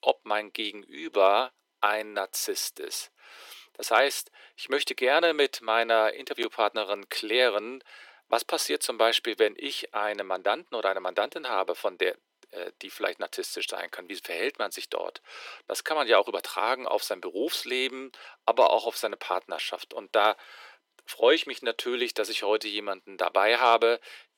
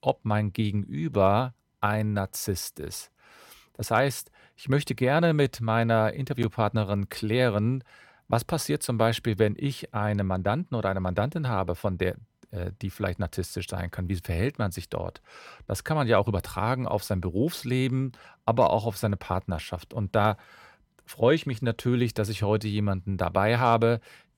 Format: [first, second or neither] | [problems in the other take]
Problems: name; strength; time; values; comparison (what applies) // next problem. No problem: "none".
second | thin; very; fading below 350 Hz